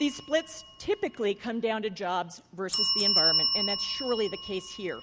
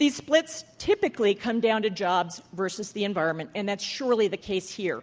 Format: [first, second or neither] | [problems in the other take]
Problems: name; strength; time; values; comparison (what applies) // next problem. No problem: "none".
second | background sound (Bell); as loud as the speech